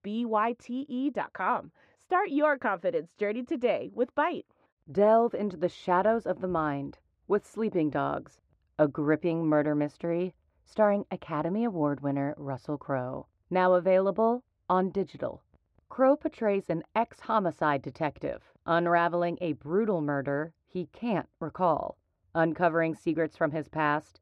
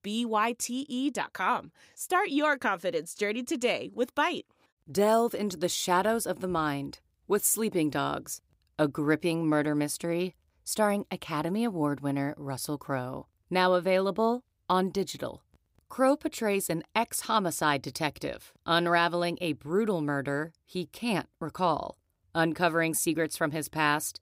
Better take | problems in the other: second | muffled; very; fading above 1.5 kHz

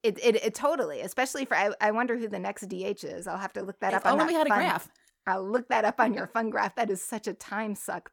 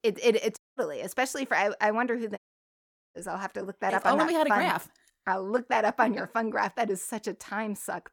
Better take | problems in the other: first | audio cutting out; at 0.5 s and at 2.5 s for 1 s

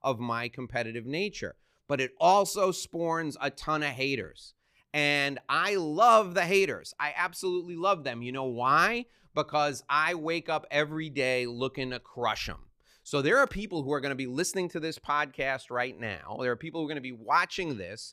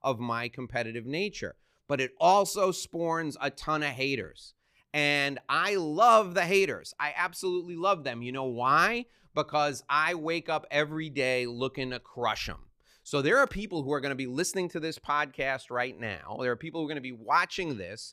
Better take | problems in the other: neither | none

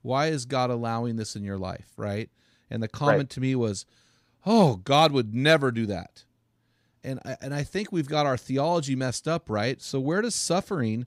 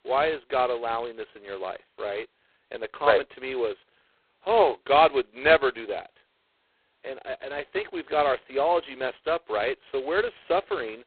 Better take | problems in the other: first | phone-call audio; poor line; nothing above 4 kHz

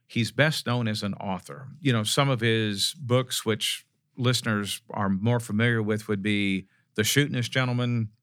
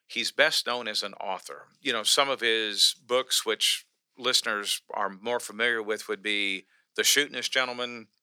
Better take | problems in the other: first | thin; very; fading below 400 Hz

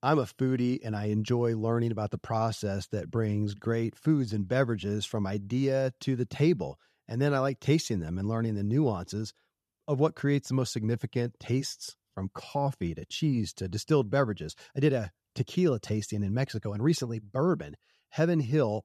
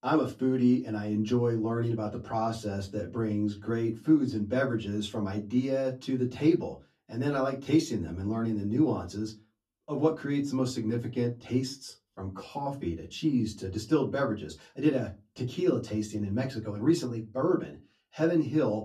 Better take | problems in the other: first | off-mic speech; far // room echo; very slight; dies away in 0.2 s

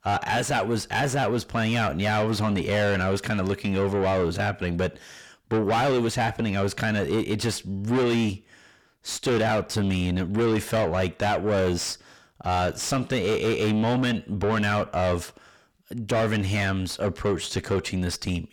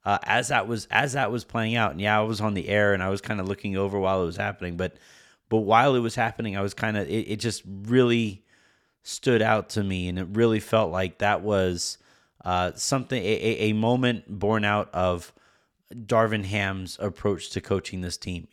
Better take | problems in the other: second | distortion; heavy; 6 dB below the speech

